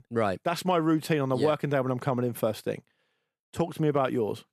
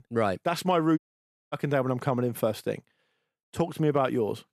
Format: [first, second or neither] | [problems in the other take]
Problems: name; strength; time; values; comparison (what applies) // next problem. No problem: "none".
first | audio cutting out; at 1 s for 0.5 s